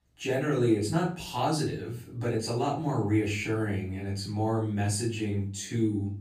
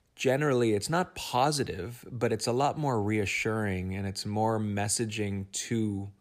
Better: second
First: off-mic speech; far // room echo; slight; dies away in 0.4 s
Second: none

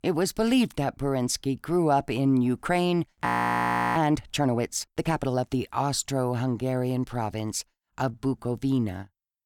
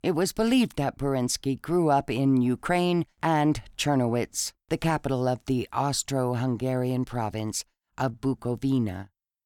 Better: second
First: audio freezing; at 3.5 s for 0.5 s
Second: none

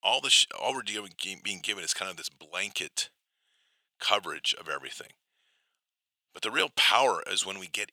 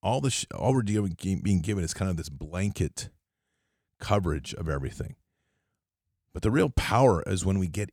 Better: second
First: thin; very; fading below 850 Hz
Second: none

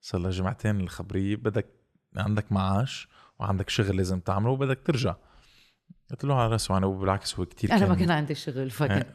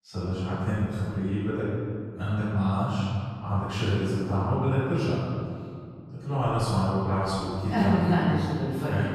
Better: first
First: none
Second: off-mic speech; far // room echo; strong; dies away in 2.2 s

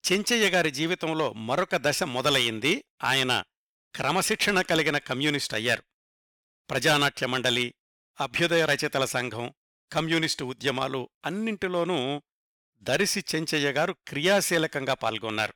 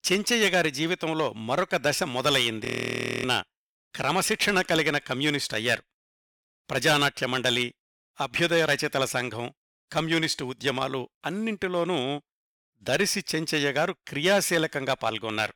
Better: first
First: none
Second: audio freezing; at 2.5 s for 0.5 s

